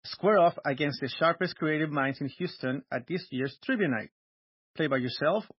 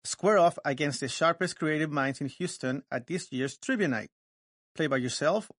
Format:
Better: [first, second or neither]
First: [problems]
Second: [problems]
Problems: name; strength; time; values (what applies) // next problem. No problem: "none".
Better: second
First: garbled, watery; badly; nothing above 5.5 kHz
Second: garbled, watery; slightly; nothing above 10.5 kHz